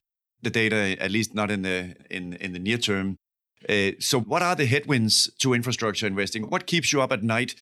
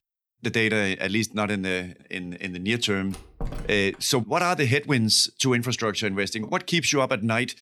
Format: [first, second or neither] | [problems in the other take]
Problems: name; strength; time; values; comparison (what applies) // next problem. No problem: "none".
first | door banging; faint; at 3 s; peak 10 dB below the speech